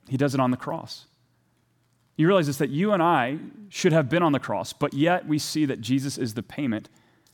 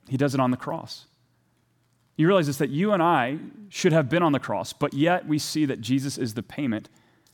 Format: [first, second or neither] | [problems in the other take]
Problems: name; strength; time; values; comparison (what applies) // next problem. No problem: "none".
neither | none